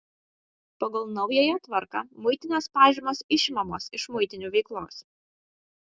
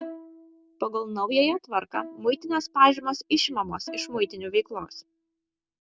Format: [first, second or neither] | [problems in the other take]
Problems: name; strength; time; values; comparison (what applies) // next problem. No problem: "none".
first | background sound (Bowed string instrument); 19 dB below the speech